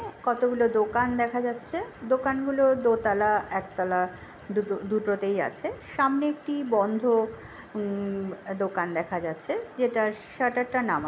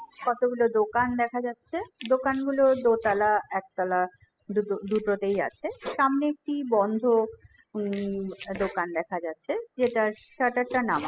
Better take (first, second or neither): first